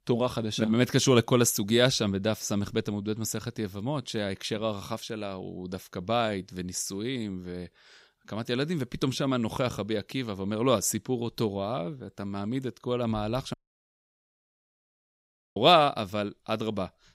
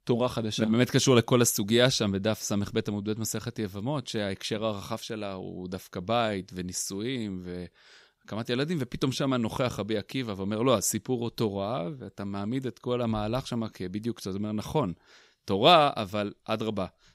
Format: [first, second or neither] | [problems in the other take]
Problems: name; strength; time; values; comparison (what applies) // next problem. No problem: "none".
second | audio cutting out; at 14 s for 2 s